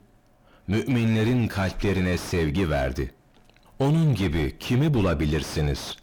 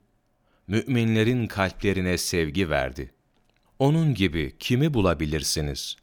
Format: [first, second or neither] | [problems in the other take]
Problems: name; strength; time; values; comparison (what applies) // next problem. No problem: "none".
second | distortion; heavy; 6 dB below the speech